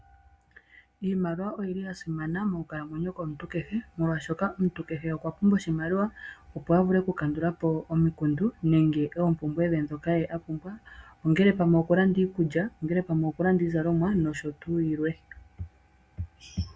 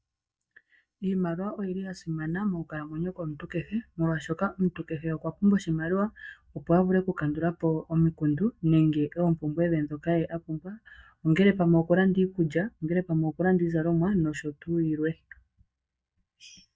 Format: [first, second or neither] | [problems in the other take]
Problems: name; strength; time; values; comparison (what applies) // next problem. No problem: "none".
first | noise reduction (neural mask model DeepFilterNet 3)